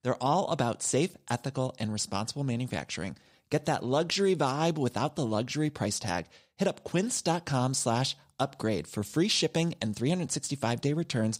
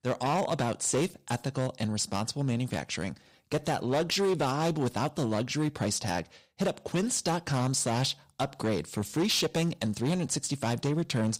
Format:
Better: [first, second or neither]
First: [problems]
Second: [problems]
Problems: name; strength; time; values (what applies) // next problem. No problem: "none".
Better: first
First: none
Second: distortion; slight; 9% of the sound clipped